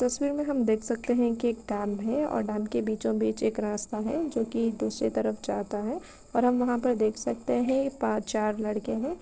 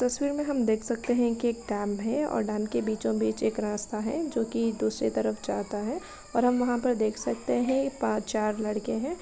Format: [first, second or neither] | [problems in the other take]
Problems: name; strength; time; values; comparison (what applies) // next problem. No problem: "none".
second | noise reduction (neural separator model SepFormer DNS4)